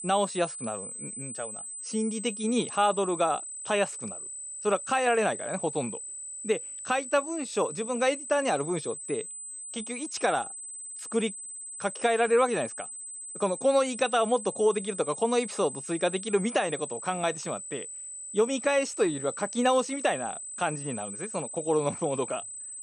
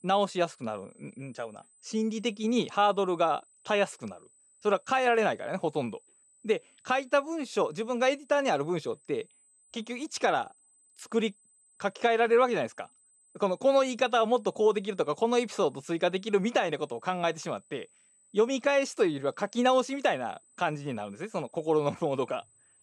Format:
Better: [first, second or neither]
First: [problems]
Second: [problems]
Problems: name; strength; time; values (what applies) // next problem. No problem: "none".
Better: second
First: high-pitched whine; loud; throughout; 8 kHz, 8 dB below the speech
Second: high-pitched whine; faint; throughout; 8 kHz, 30 dB below the speech